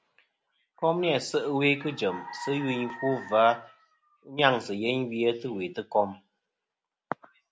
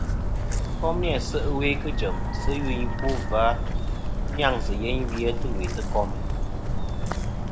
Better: first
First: none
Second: background sound (Walk, footsteps); 4 dB above the speech

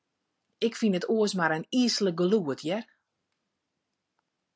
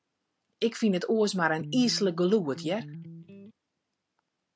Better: first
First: none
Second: background sound (Electric guitar); 13 dB below the speech

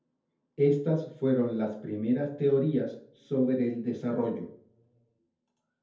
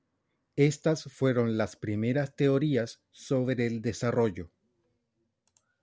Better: second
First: room echo; dies away in 0.5 s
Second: none

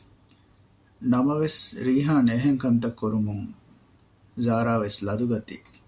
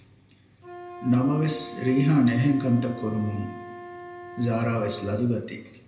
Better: first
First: none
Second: background sound (Wind instrument, woodwind instrument); 16 dB below the speech // room echo; dies away in 0.7 s

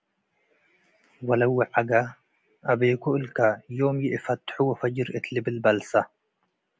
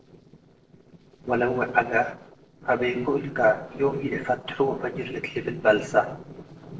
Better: first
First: none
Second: noise reduction (neural separator model SepFormer DNS4)

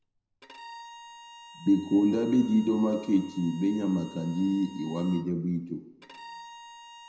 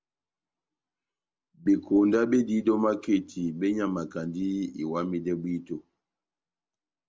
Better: second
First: background sound (Bowed string instrument); 20 dB below the speech // room echo; dies away in 0.7 s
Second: none

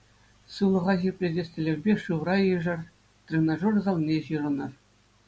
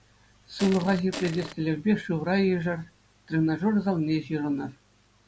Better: first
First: none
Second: background sound (Crushing); 10 dB below the speech

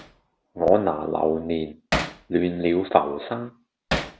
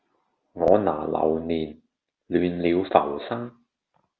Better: second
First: background sound (Hammer); 9 dB below the speech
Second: none

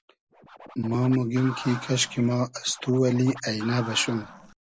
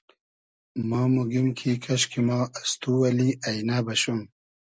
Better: second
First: background sound (Scratching (performance technique)); 15 dB below the speech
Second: none

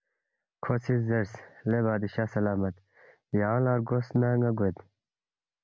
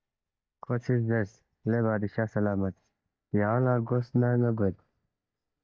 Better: first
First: none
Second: noise reduction (neural mask model DeepFilterNet 3)

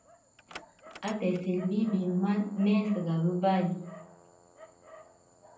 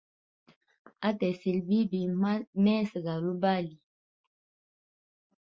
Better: second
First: background sound (Dog); 20 dB below the speech // room echo; dies away in 0.6 s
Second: none

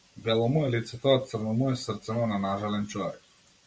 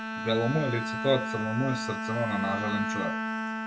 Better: first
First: none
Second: background sound (Bowed string instrument); 2 dB below the speech

